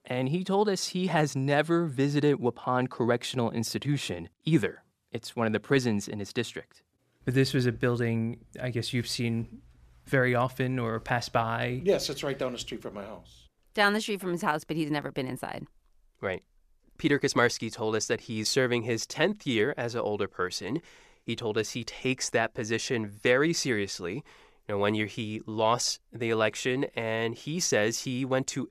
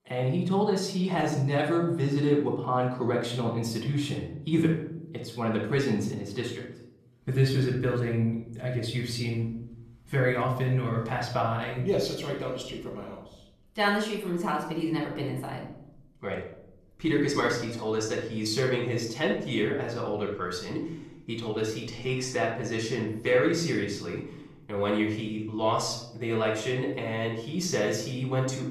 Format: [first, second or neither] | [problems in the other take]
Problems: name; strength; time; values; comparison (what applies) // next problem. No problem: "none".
first | off-mic speech; far // room echo; noticeable; dies away in 0.7 s